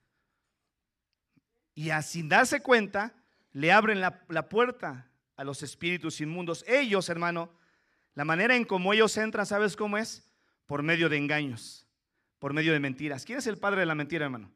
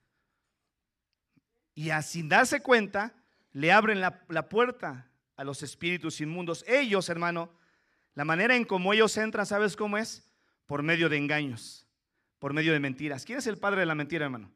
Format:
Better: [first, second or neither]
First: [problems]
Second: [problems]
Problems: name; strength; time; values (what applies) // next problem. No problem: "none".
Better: neither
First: none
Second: none